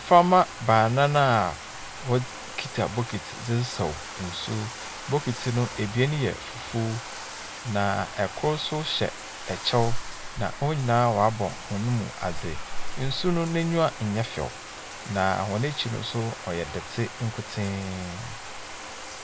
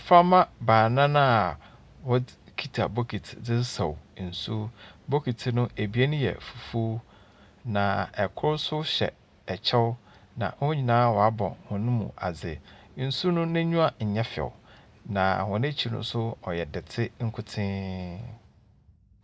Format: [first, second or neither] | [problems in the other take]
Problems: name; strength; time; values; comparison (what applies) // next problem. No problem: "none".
second | background sound (Bathtub (filling or washing)); 9 dB below the speech